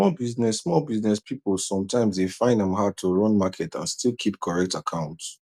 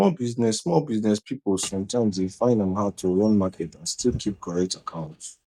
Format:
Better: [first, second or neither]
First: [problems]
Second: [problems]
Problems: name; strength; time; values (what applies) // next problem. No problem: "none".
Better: first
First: none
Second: noise reduction (neural mask model DeepFilterNet 3)